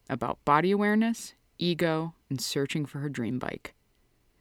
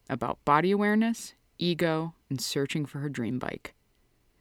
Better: neither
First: none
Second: none

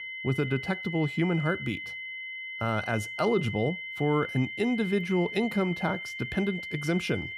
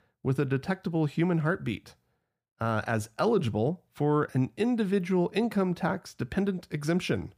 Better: second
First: high-pitched whine; loud; throughout; 2 kHz, 7 dB below the speech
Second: none

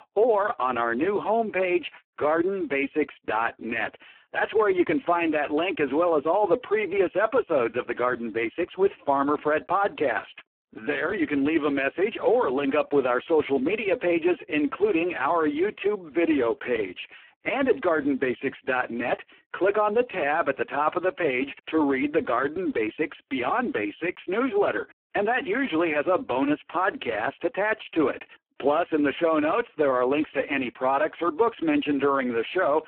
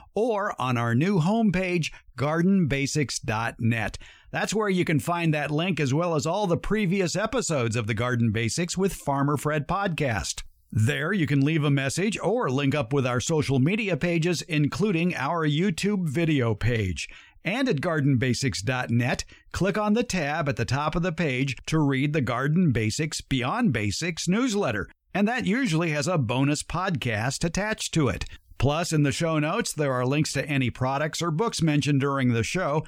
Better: second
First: phone-call audio; poor line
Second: none

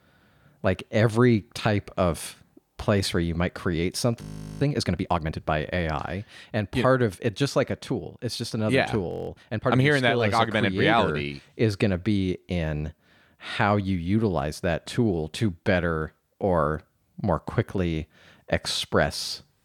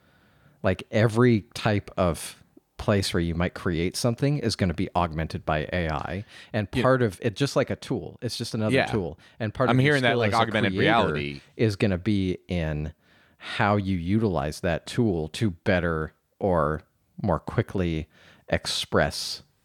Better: second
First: audio freezing; at 4 s and at 9 s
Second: none

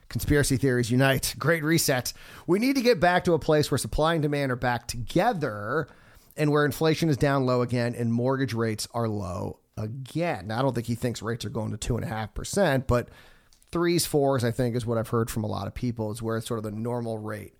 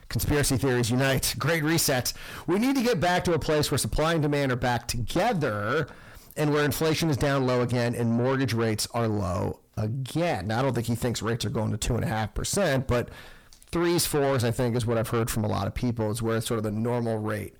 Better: first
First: none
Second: distortion; heavy; 7 dB below the speech

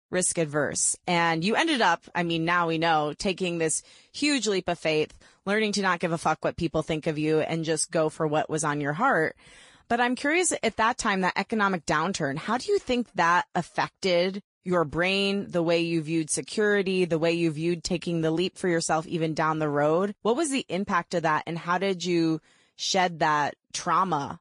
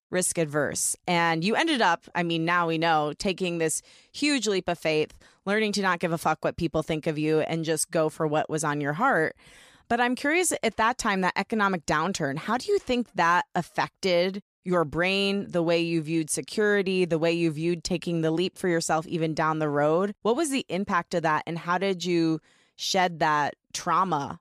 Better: second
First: garbled, watery; slightly; nothing above 10.5 kHz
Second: none

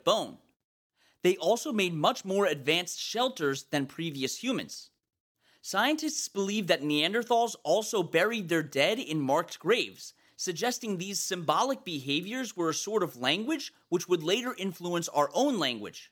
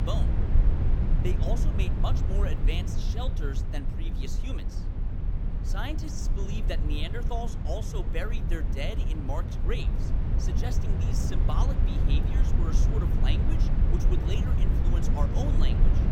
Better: first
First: none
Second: low rumble; loud; throughout; 2 dB below the speech

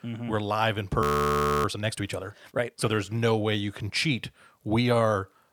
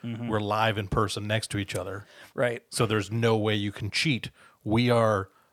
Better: second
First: audio freezing; at 1 s for 0.5 s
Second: none

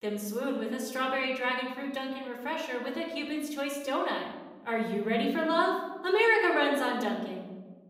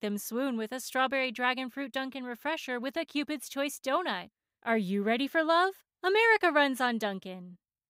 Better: second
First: room echo; noticeable; dies away in 1 s // off-mic speech; somewhat distant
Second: none

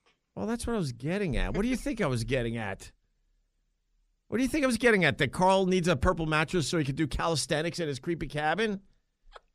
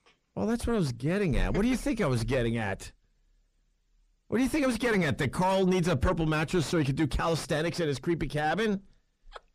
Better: first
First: none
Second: distortion; heavy; 7 dB below the speech

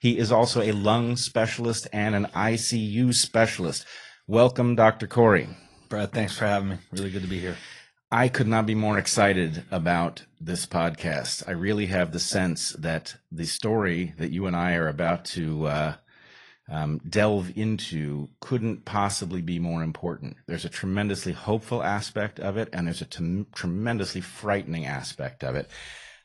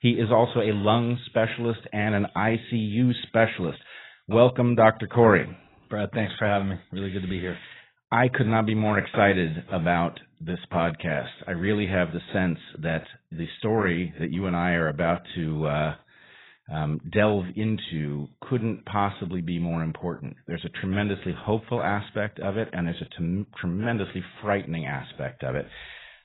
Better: first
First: garbled, watery; slightly; nothing above 10.5 kHz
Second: garbled, watery; badly; nothing above 4 kHz

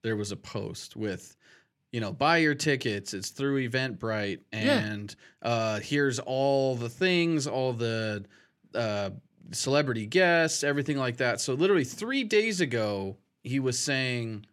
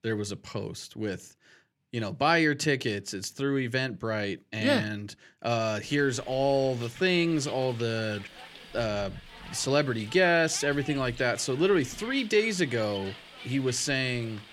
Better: first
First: none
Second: hiss; noticeable; from 6 s on; 15 dB below the speech

